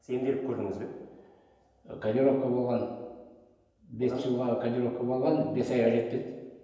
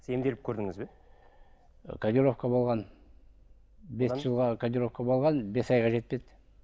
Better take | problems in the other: second | room echo; dies away in 1 s

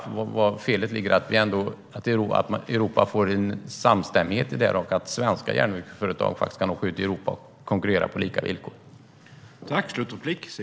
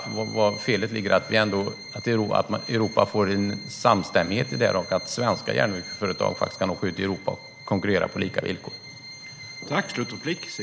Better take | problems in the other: first | background sound (Bowed string instrument); 15 dB below the speech

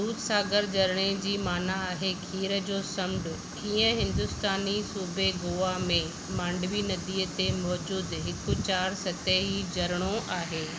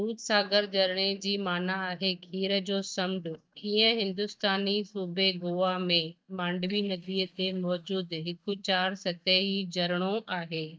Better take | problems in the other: first | noise reduction (neural mask model DeepFilterNet 3)

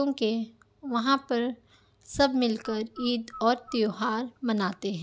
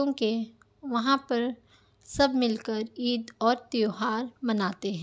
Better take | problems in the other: second | background sound (Bird); 20 dB below the speech

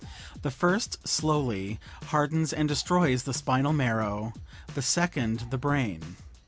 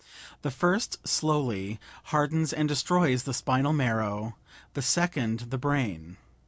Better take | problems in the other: second | background sound (Drum kit); 17 dB below the speech

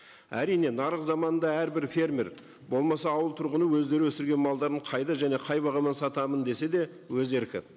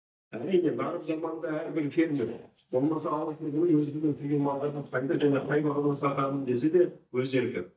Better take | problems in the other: first | noise reduction (neural mask model DeepFilterNet 3)

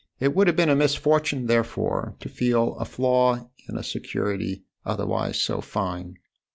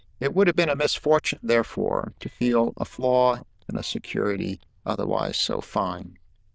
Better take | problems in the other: first | noise reduction (neural diffusion model UNIVERSE++)

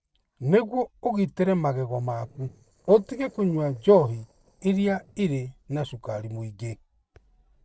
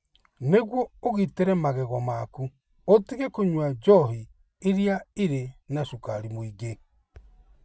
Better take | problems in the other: second | noise reduction (neural separator model SepFormer DNS4)

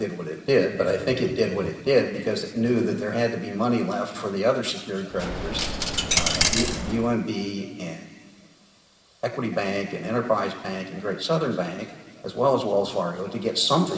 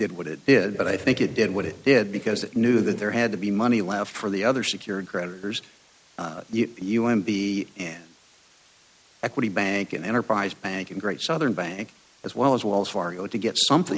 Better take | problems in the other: second | background sound (Coin (dropping)); as loud as the speech // room echo; dies away in 2.2 s

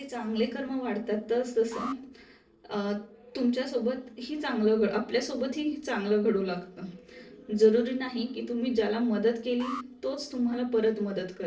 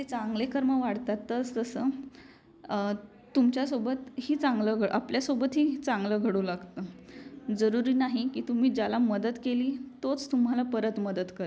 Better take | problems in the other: second | noise reduction (neural separator model SepFormer DNS4)

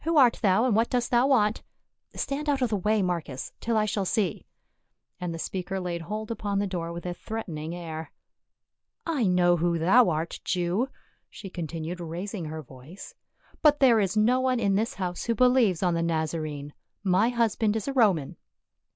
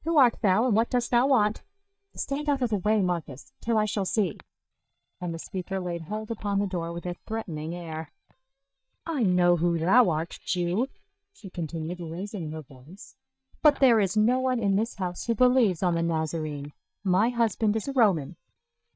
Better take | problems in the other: first | noise reduction (neural mask model DeepFilterNet 3)

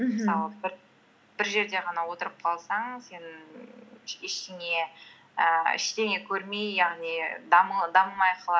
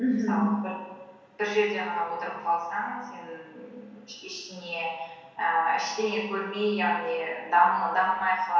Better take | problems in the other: first | room echo; dies away in 1.2 s

